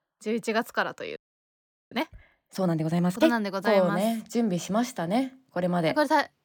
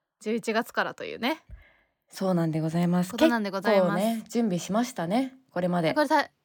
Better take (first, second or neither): second